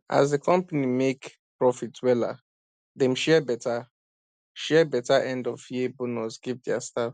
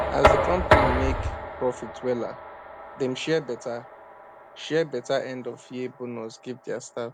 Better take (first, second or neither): first